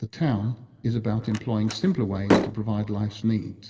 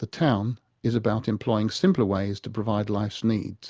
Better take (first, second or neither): second